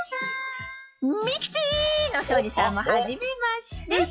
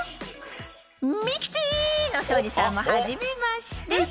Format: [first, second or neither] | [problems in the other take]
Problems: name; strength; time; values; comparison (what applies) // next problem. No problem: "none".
second | noise reduction (classical method log-MMSE)